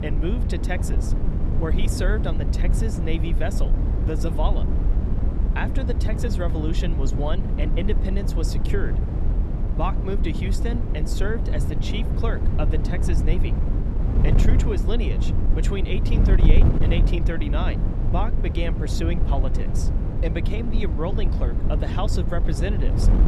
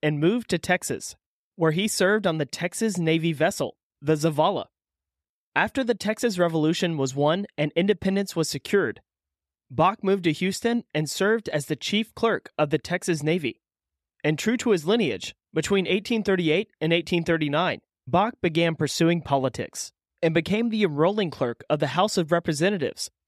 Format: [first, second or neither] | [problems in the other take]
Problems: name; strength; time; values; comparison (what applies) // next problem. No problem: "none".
second | wind noise on the microphone; heavy; 4 dB below the speech